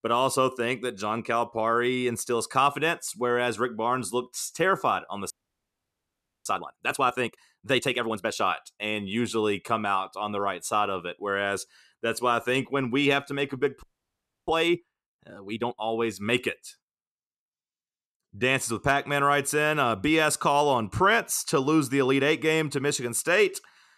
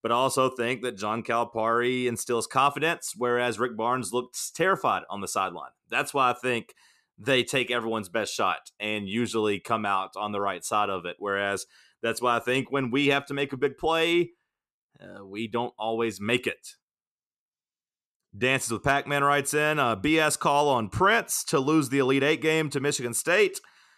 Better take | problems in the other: second | audio freezing; at 5.5 s for 1 s and at 14 s for 0.5 s

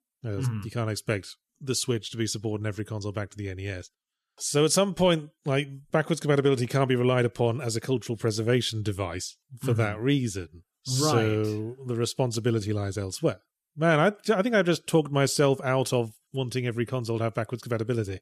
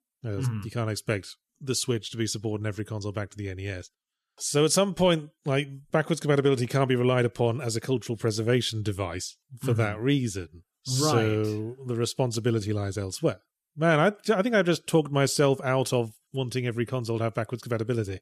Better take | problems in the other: neither | none

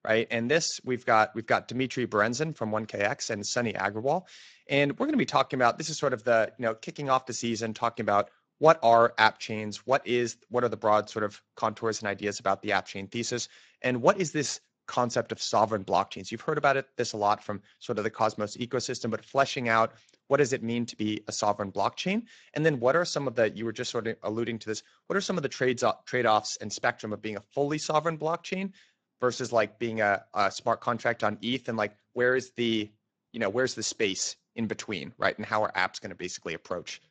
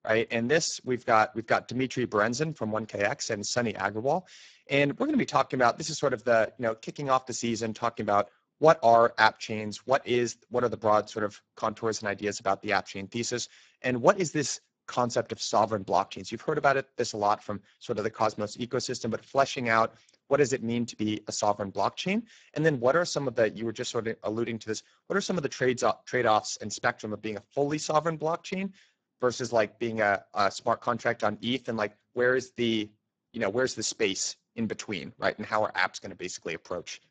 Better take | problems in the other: first | garbled, watery; badly; nothing above 7.5 kHz; slightly in the first

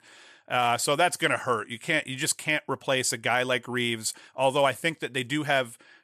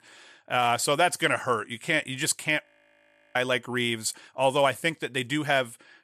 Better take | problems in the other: first | audio freezing; at 2.5 s for 0.5 s

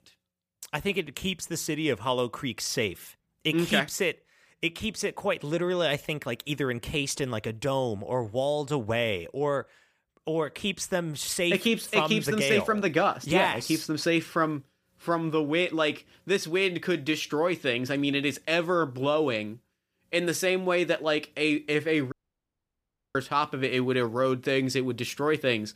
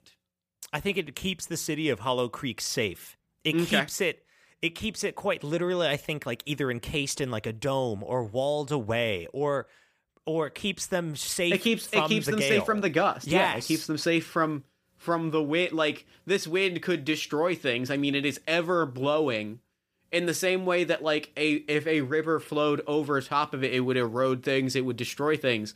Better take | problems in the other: second | audio cutting out; at 22 s for 1 s

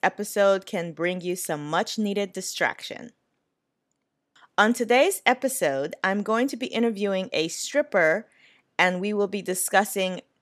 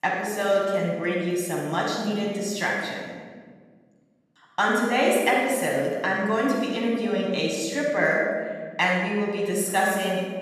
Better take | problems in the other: first | off-mic speech; far // room echo; strong; dies away in 1.6 s

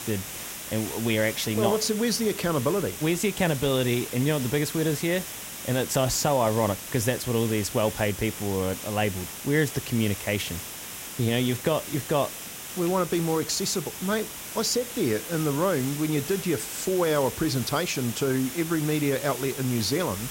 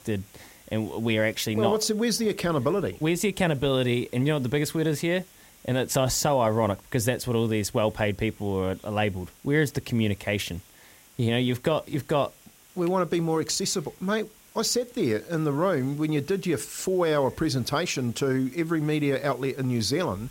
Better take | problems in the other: second | hiss; loud; throughout; 8 dB below the speech; faint in the second

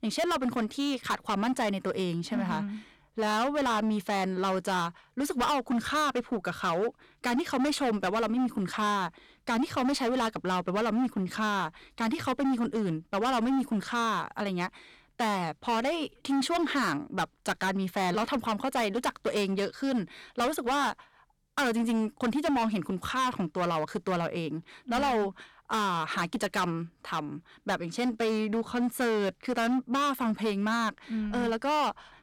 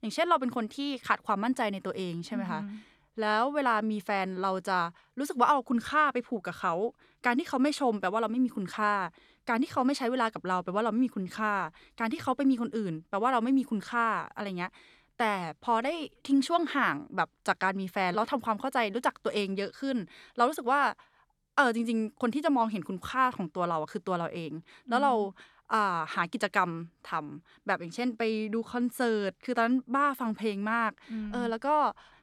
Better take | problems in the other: second | distortion; heavy; 17% of the sound clipped

